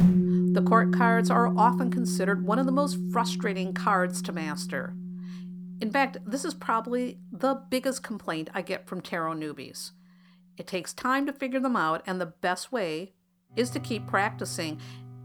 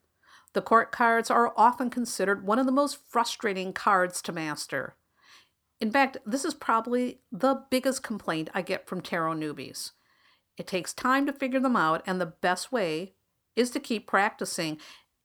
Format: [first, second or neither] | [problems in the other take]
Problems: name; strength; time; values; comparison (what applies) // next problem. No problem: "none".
second | background music; loud; throughout; 1 dB below the speech